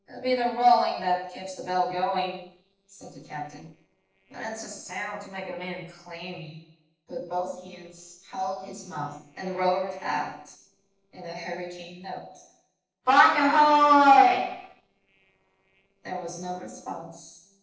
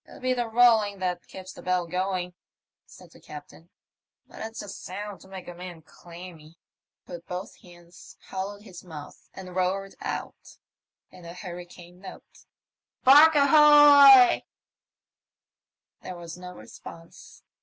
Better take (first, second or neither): second